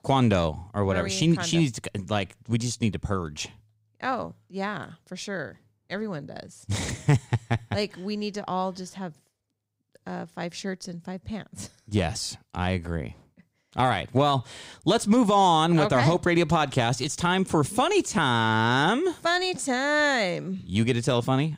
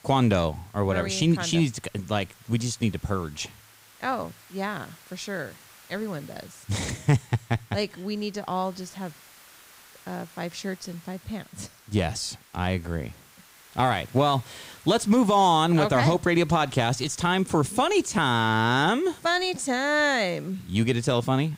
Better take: first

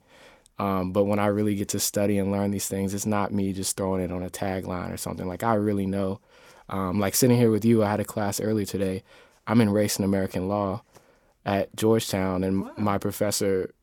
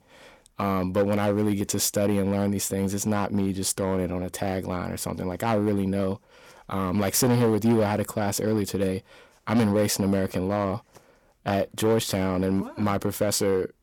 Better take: first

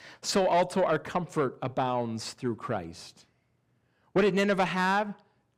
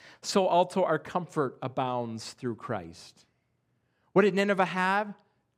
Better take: second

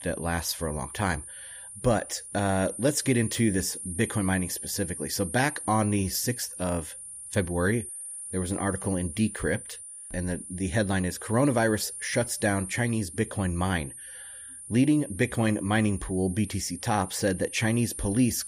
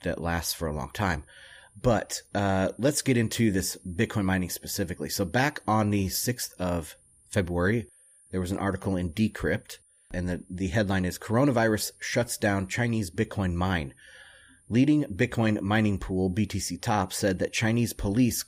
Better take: second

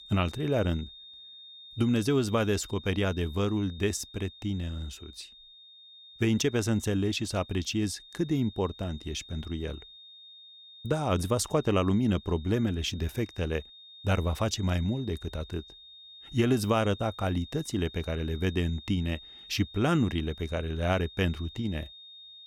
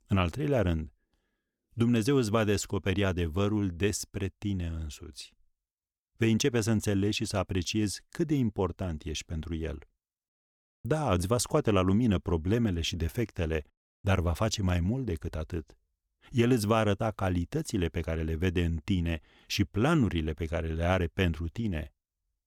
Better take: second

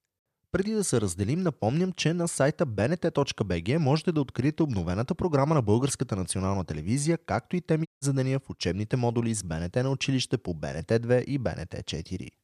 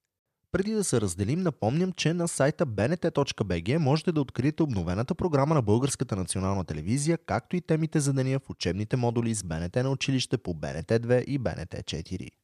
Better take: second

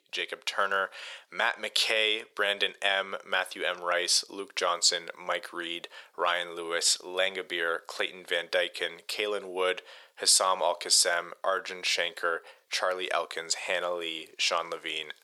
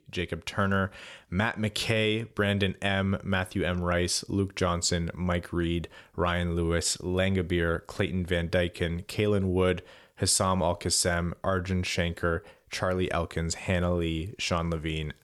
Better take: second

